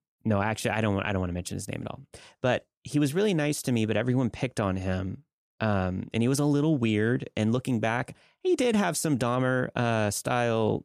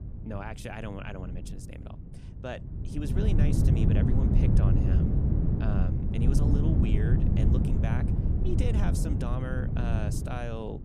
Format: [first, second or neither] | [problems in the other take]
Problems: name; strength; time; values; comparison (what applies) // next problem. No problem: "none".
first | wind noise on the microphone; heavy; 2 dB above the speech